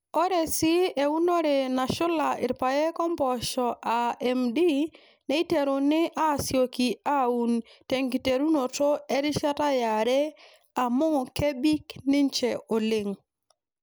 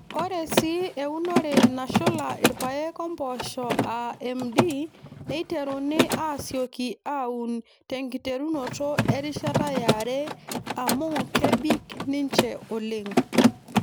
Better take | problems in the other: first | background sound (Mechanisms); 2 dB above the speech

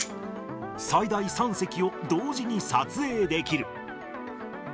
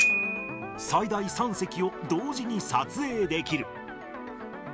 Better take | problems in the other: first | background sound (Piano); 5 dB below the speech

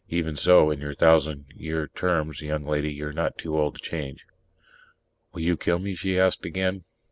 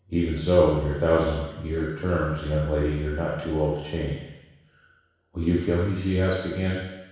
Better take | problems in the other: first | room echo; dies away in 1.1 s

